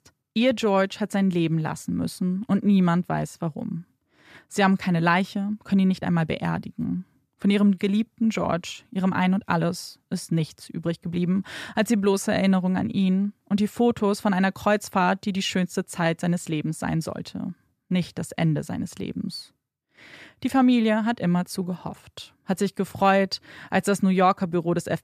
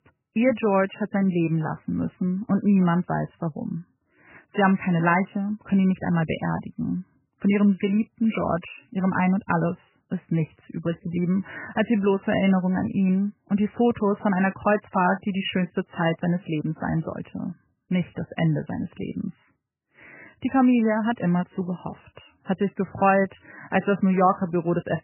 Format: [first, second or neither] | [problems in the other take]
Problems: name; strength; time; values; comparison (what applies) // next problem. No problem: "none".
first | garbled, watery; badly; nothing above 3 kHz